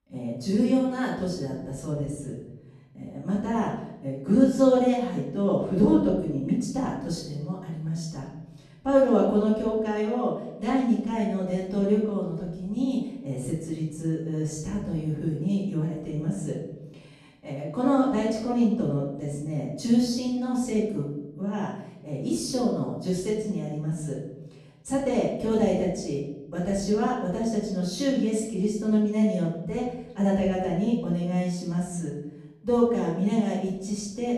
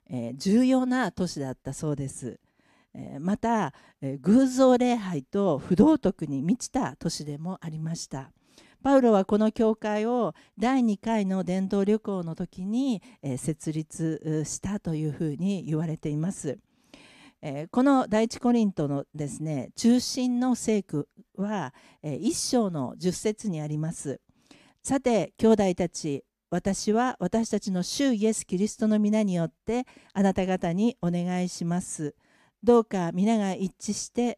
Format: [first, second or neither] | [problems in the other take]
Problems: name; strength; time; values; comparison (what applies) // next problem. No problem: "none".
second | off-mic speech; far // room echo; noticeable; dies away in 0.9 s